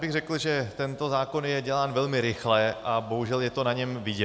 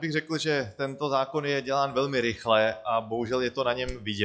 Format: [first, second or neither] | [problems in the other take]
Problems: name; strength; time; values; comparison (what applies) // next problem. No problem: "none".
first | noise reduction (classical method log-MMSE)